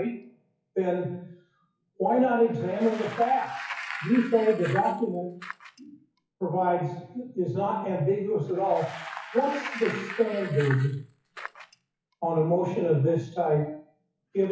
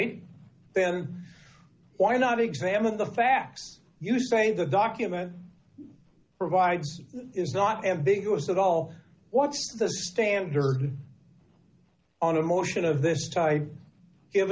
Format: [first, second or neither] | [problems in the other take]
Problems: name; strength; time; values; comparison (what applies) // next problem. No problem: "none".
second | noise reduction (classical method WPE with log-MMSE)